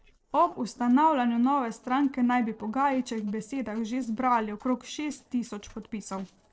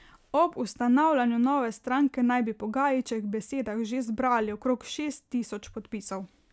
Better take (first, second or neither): second